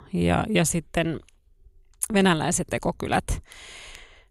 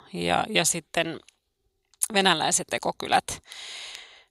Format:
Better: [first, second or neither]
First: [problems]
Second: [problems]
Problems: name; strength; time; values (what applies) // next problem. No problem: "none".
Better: first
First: none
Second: thin; somewhat; fading below 550 Hz